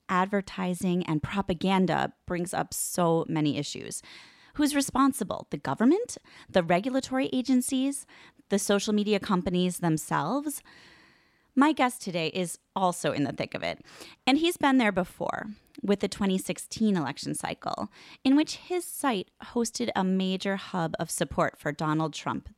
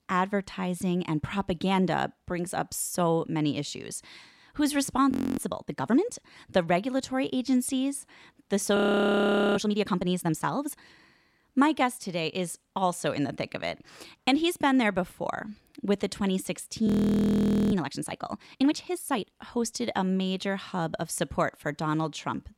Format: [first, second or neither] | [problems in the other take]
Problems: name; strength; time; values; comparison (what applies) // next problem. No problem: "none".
first | audio freezing; at 5 s, at 9 s for 1 s and at 17 s for 1 s